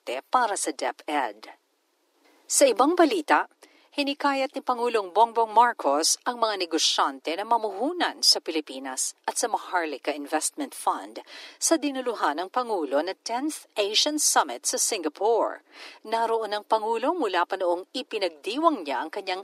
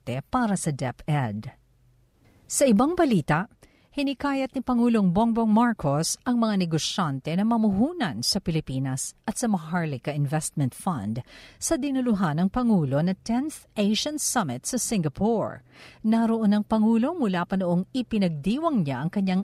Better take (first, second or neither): second